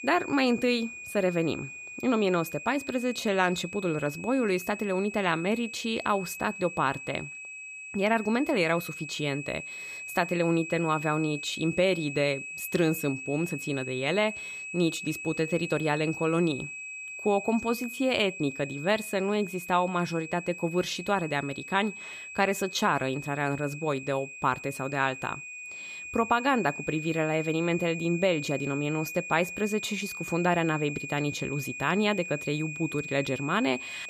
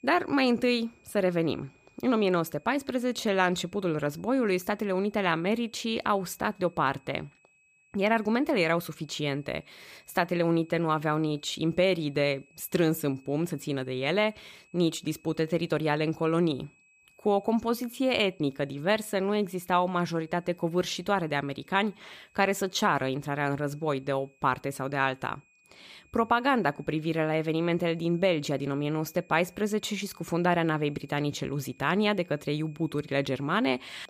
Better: second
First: high-pitched whine; loud; throughout; 2.5 kHz, 9 dB below the speech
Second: high-pitched whine; faint; throughout; 2.5 kHz, 30 dB below the speech

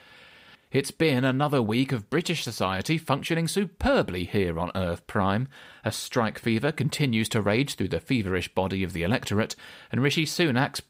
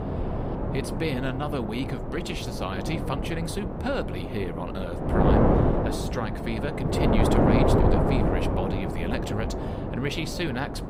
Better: first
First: none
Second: wind noise on the microphone; heavy; 3 dB above the speech

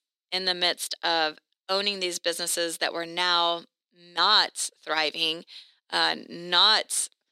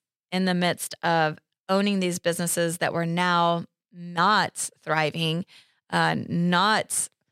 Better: second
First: thin; very; fading below 300 Hz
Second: none

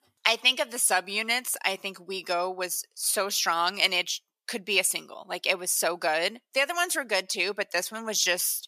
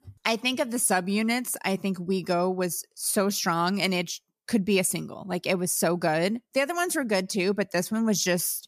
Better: second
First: thin; very; fading below 600 Hz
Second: none

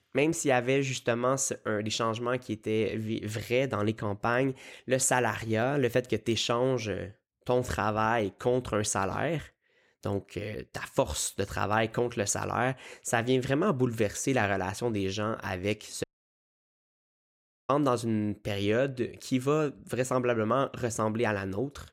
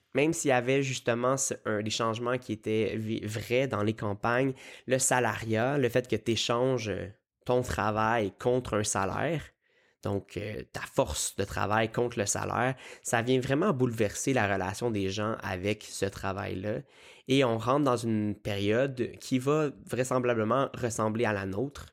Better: second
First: audio cutting out; at 16 s for 1.5 s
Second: none

